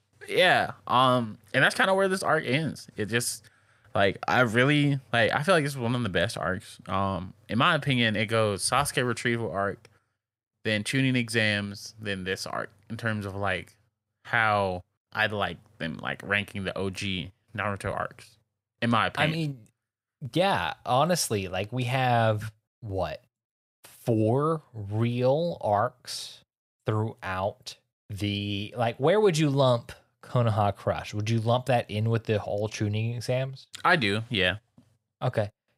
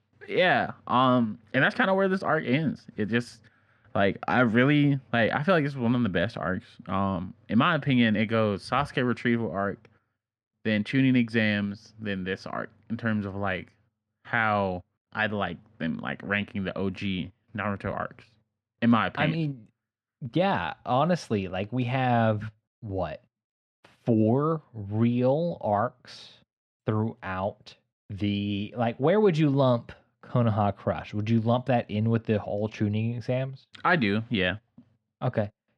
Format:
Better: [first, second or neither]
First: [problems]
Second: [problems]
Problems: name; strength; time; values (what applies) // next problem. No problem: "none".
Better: first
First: none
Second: muffled; slightly; fading above 3 kHz